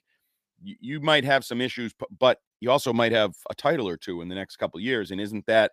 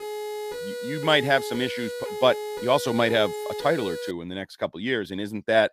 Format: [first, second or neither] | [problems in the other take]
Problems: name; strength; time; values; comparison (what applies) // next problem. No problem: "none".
first | siren; noticeable; until 4 s; peak 7 dB below the speech